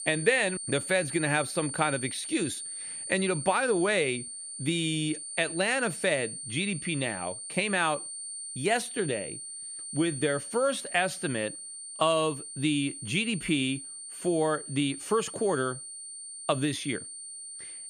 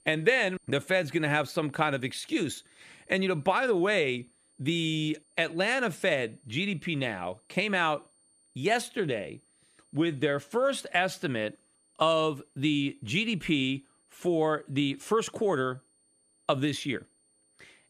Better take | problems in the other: second | high-pitched whine; loud; throughout; 9 kHz, 8 dB below the speech; faint in the second

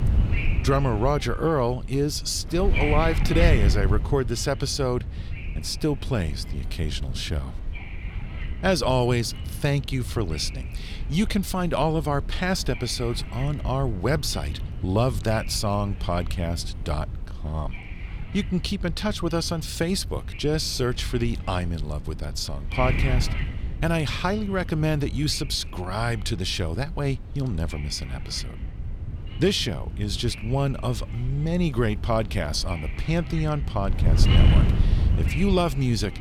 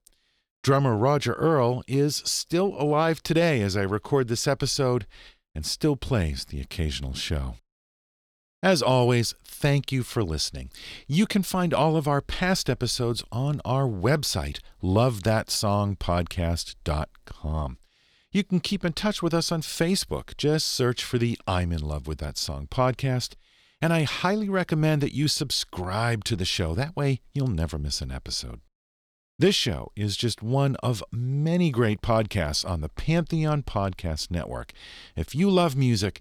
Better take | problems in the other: second | wind noise on the microphone; heavy; 10 dB below the speech

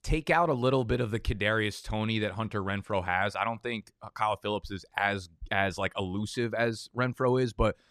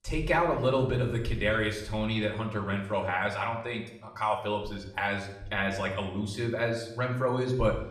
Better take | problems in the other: first | room echo; slight; dies away in 0.7 s // off-mic speech; far

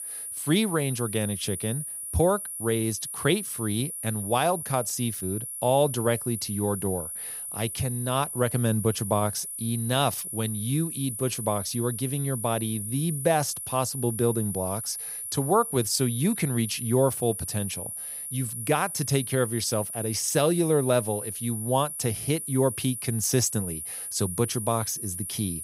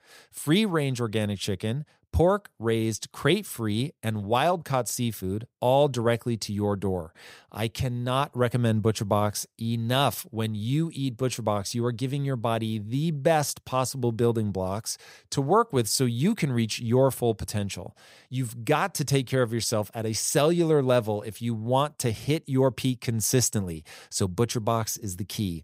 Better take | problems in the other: second | high-pitched whine; loud; throughout; 10 kHz, 5 dB below the speech

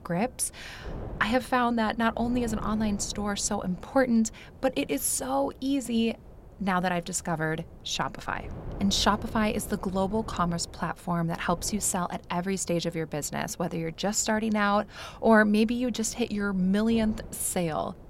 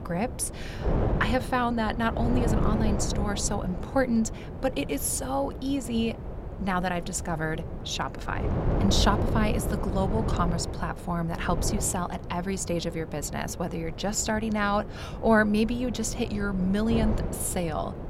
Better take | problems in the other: first | wind noise on the microphone; heavy; 8 dB below the speech; occasional gusts in the first

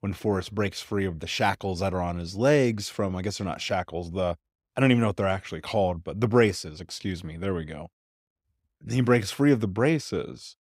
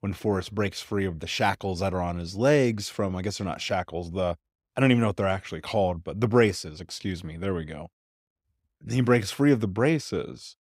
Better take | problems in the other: neither | none

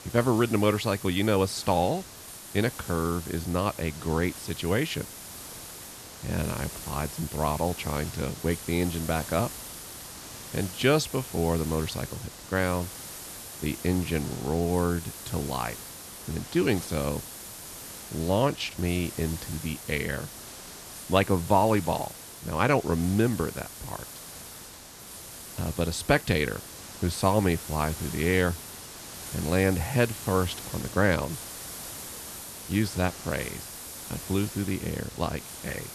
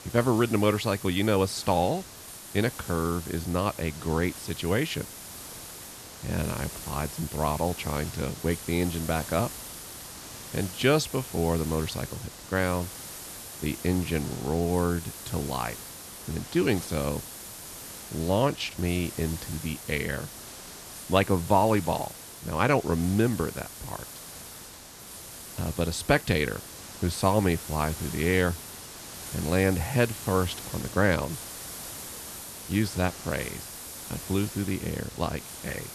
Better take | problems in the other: neither | hiss; noticeable; throughout; 10 dB below the speech; the same in both

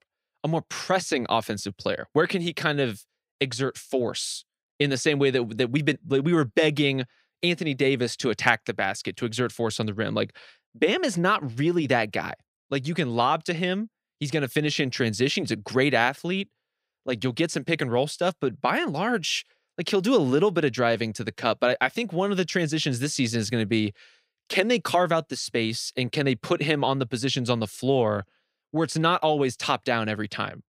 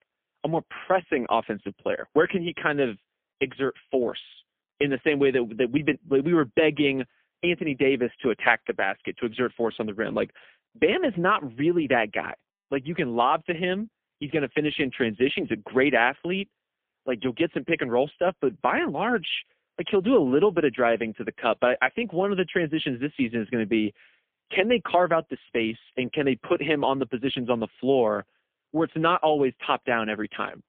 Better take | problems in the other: first | phone-call audio; poor line; nothing above 3.5 kHz

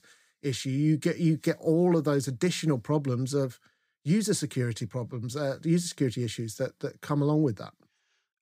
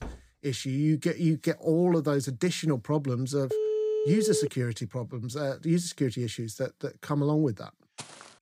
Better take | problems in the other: first | door banging; faint; at the start; peak 15 dB below the speech // phone ringing; loud; at 3.5 s; peak 1 dB above the speech // footsteps; faint; at 8 s; peak 15 dB below the speech

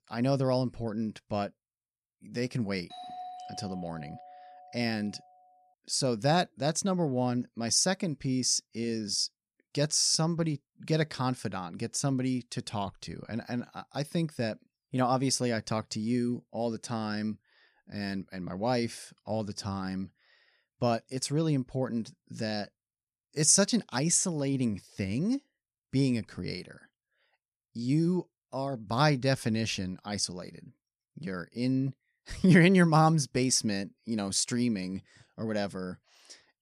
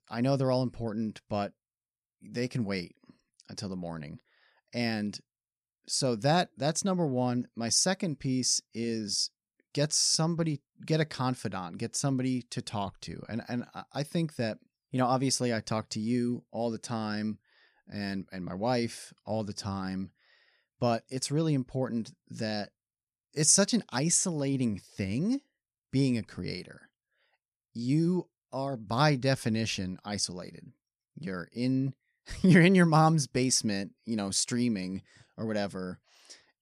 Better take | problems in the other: second | doorbell; faint; from 3 to 5.5 s; peak 10 dB below the speech

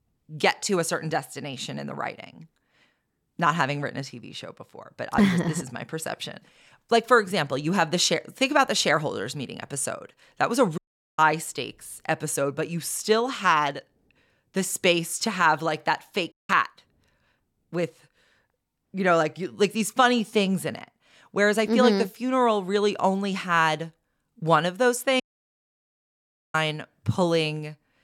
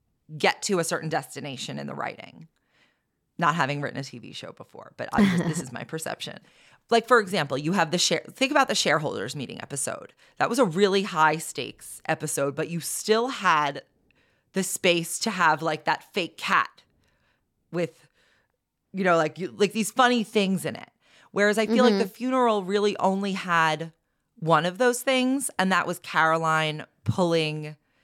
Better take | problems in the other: second | audio cutting out; at 11 s, at 16 s and at 25 s for 1.5 s

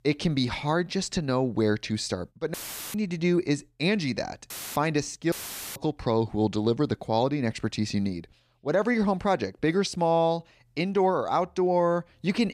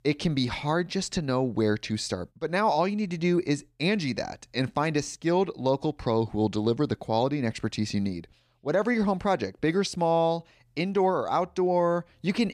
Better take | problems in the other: second | audio cutting out; filled with static; at 2.5 s, at 4.5 s and at 5.5 s

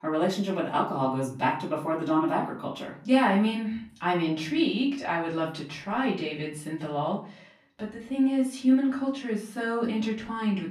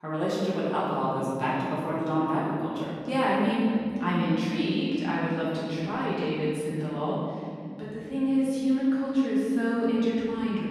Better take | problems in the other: first | room echo; strong; dies away in 3 s; slight in the first // off-mic speech; far; far in the first

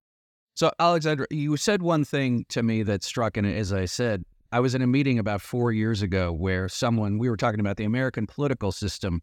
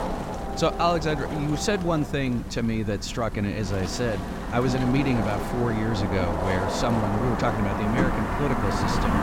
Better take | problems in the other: first | wind noise on the microphone; heavy; 1 dB below the speech

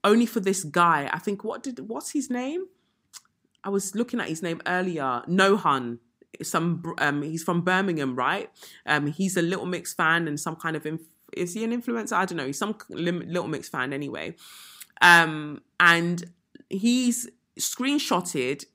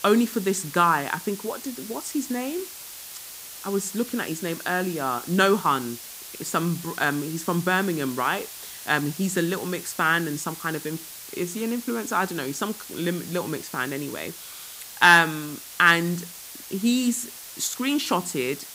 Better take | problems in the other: first | hiss; noticeable; throughout; 15 dB below the speech

